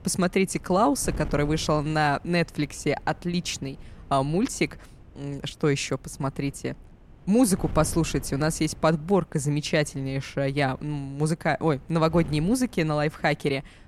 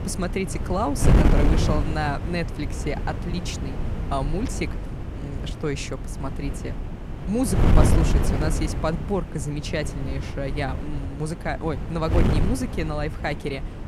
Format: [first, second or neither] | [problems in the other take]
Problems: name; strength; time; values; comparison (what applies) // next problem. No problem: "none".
first | wind noise on the microphone; heavy; 4 dB below the speech; occasional gusts in the first